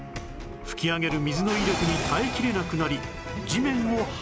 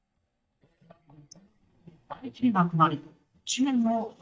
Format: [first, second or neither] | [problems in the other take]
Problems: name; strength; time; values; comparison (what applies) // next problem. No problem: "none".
first | noise reduction (neural mask model DeepFilterNet 3)